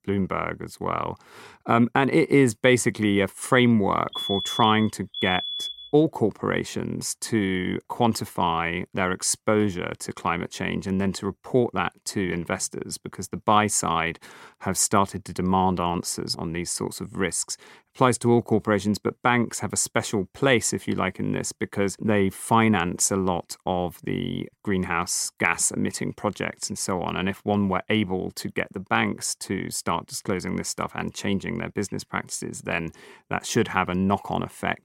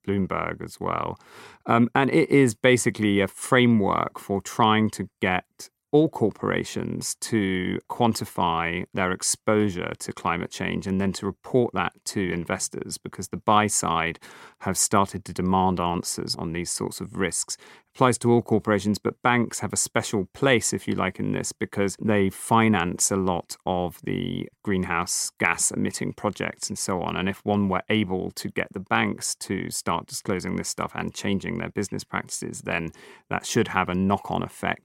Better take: second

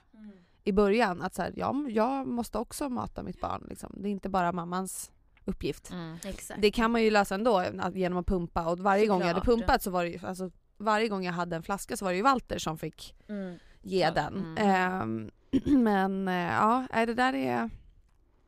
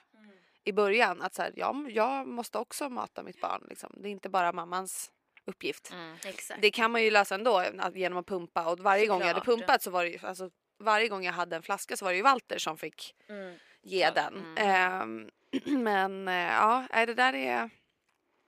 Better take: first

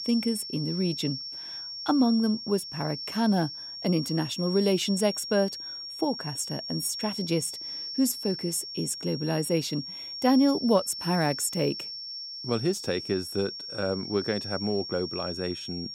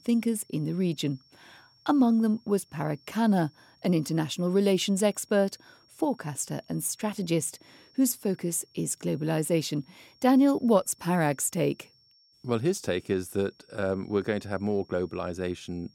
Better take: second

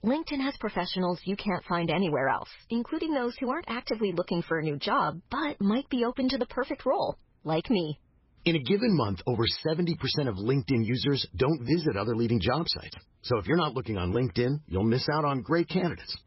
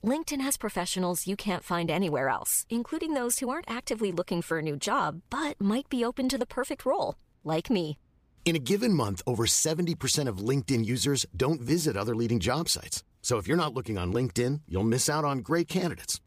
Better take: second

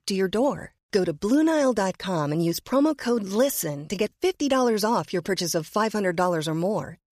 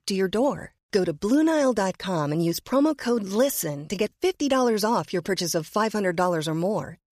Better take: neither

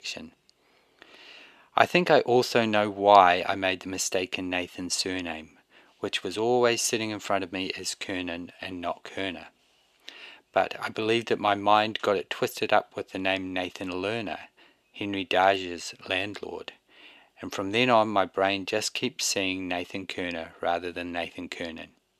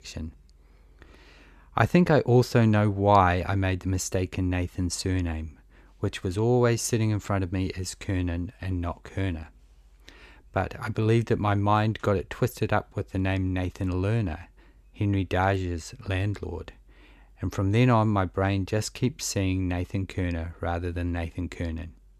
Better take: second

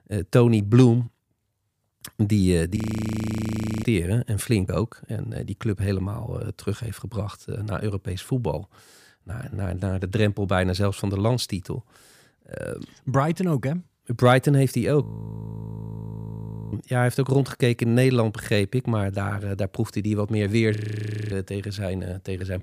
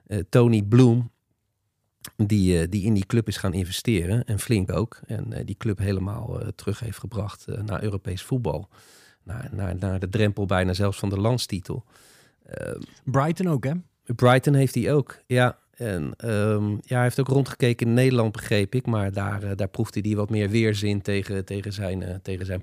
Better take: second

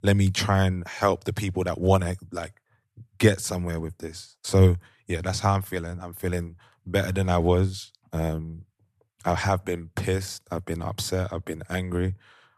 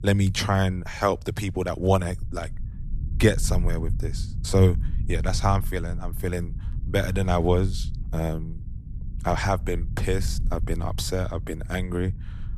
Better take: first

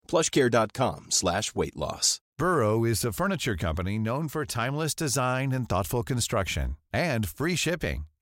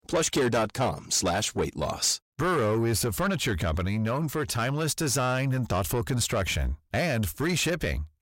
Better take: first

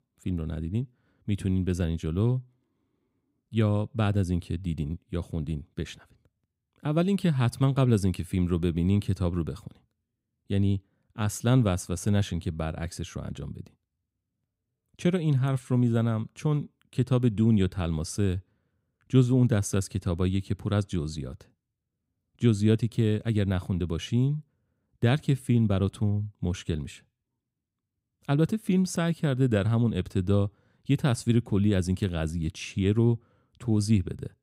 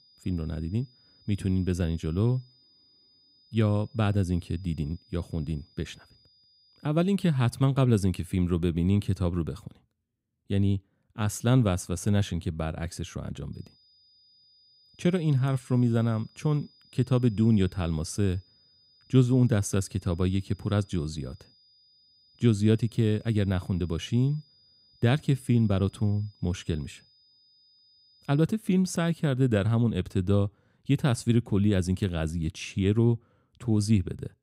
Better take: first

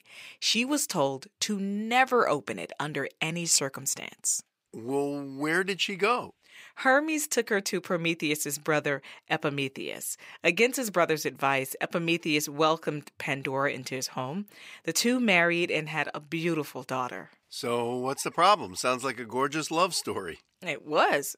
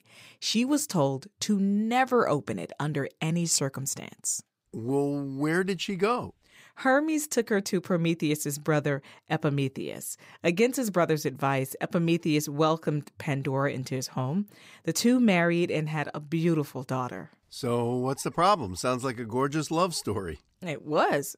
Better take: second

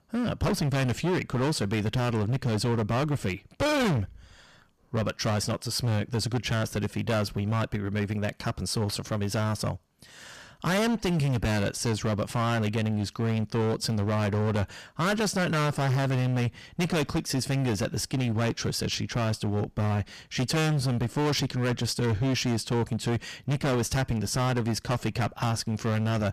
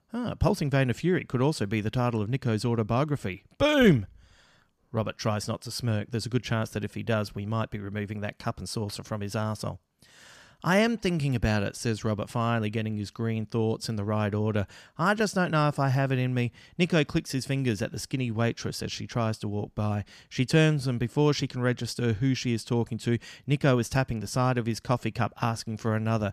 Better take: second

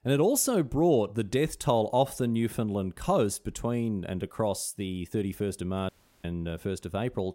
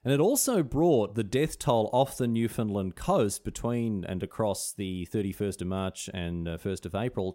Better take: second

